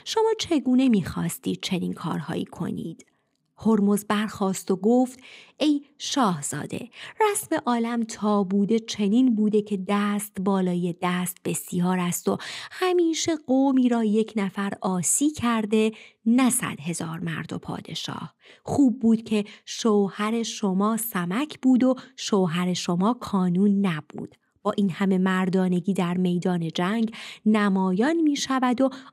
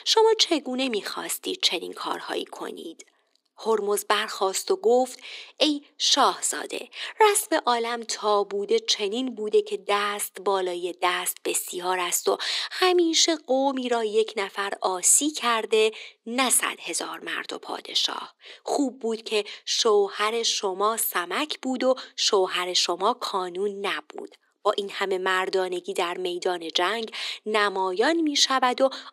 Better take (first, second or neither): first